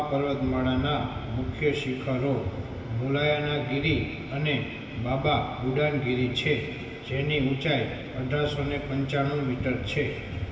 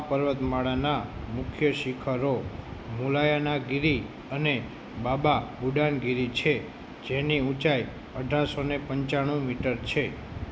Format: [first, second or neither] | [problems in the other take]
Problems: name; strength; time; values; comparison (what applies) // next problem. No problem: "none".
second | room echo; dies away in 2.6 s